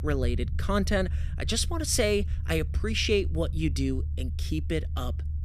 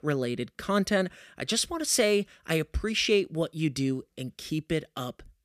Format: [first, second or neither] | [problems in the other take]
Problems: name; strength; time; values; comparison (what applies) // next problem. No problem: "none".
second | low rumble; noticeable; throughout; 20 dB below the speech